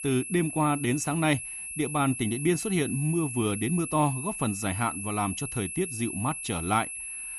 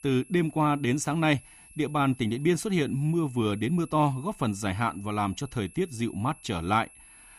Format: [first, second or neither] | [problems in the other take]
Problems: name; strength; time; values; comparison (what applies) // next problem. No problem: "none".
second | high-pitched whine; loud; throughout; 11 kHz, 6 dB below the speech; faint in the second